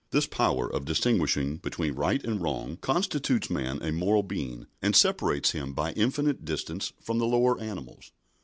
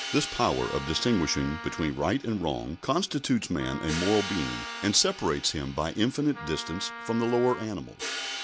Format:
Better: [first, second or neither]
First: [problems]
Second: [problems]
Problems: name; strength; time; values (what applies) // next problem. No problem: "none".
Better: first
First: none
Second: background sound (Wind instrument, woodwind instrument + Hi-hat); 10 dB below the speech